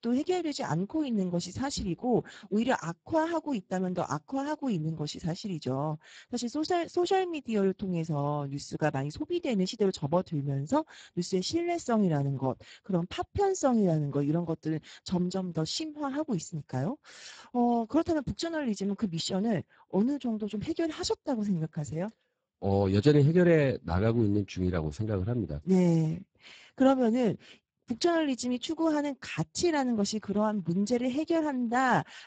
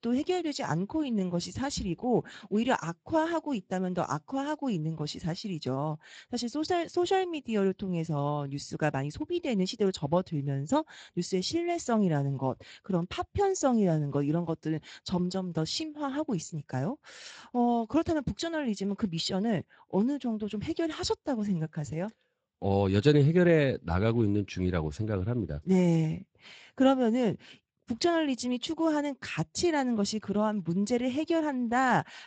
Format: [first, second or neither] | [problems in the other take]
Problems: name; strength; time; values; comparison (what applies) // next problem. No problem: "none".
second | garbled, watery; badly; nothing above 7.5 kHz; slightly in the second